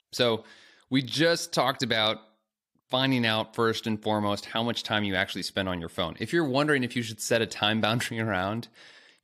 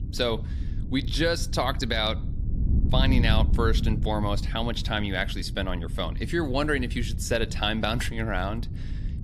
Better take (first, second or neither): first